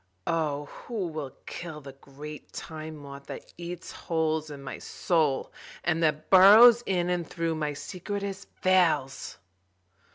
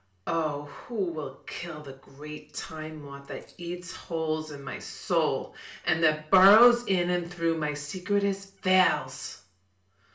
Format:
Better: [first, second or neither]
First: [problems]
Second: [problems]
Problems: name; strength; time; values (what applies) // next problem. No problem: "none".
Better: first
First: none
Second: room echo; dies away in 0.4 s